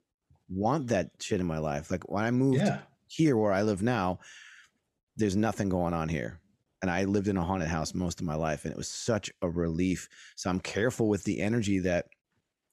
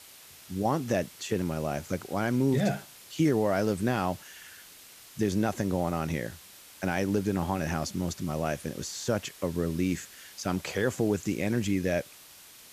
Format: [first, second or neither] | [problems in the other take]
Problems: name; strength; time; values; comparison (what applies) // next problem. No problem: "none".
first | hiss; noticeable; throughout; 20 dB below the speech